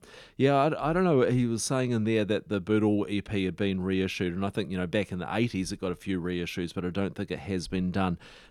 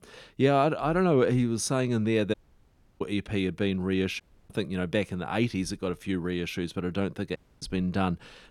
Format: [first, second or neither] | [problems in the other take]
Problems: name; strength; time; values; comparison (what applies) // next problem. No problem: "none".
first | audio cutting out; at 2.5 s for 0.5 s, at 4 s and at 7.5 s